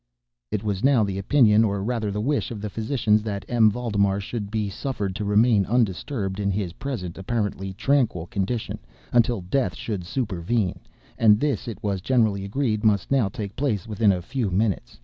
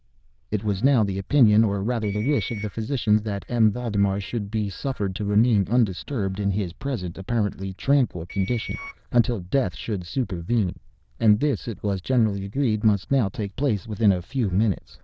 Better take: first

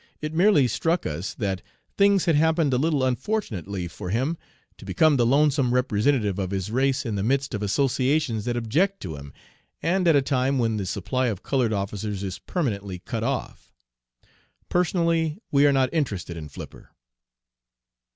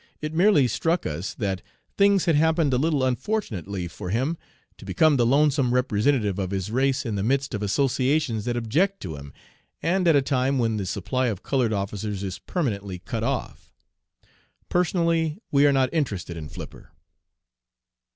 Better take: first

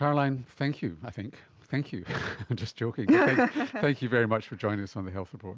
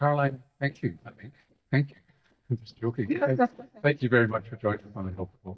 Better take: first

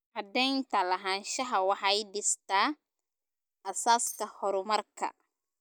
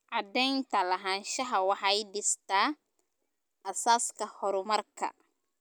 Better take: second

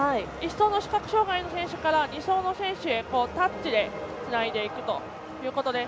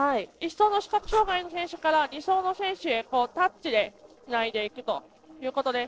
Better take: first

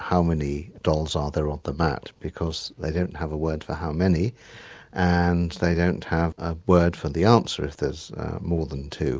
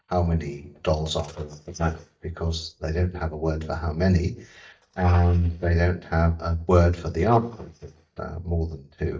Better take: first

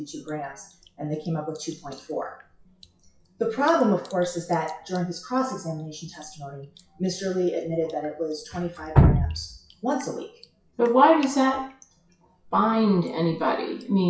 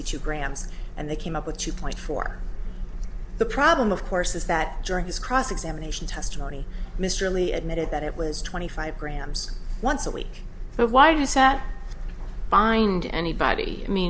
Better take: second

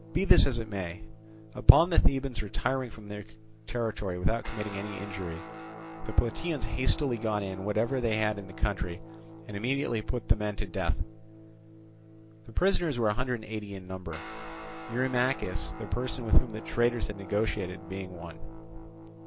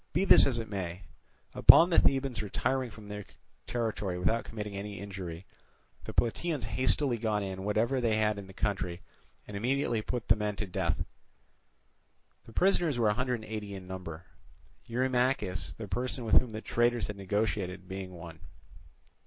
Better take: second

